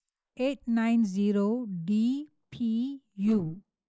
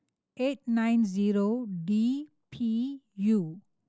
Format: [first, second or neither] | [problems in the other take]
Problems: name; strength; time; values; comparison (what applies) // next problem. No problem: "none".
second | noise reduction (neural mask model Resemble Enhance denoiser)